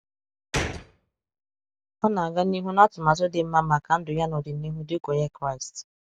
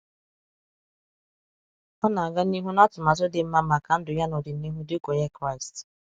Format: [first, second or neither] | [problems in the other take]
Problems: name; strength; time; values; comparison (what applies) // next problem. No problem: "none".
second | background sound (Gunshot, gunfire); 10 dB below the speech